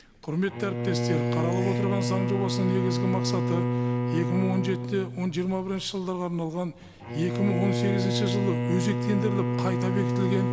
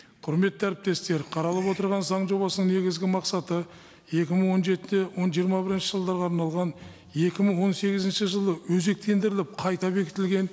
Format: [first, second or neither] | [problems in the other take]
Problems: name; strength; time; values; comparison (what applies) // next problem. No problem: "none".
second | background sound (Bowed string instrument); 1 dB above the speech